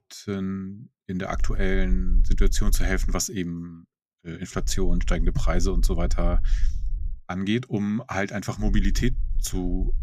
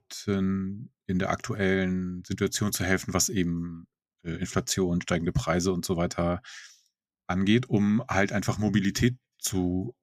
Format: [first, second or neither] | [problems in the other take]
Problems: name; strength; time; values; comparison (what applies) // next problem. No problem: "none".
second | low rumble; faint; from 1.5 to 3 s, from 4.5 to 7 s and from 8.5 s on; 20 dB below the speech